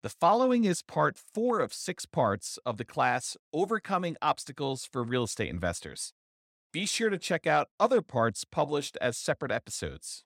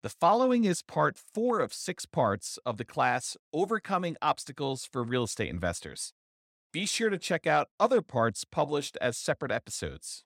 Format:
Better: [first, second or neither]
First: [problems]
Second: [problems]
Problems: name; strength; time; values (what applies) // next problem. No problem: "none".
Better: neither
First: none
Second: none